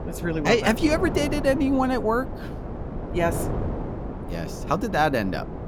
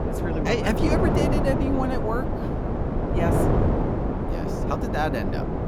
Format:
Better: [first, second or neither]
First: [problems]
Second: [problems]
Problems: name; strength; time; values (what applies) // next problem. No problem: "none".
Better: first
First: wind noise on the microphone; occasional gusts; 10 dB below the speech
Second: wind noise on the microphone; heavy; as loud as the speech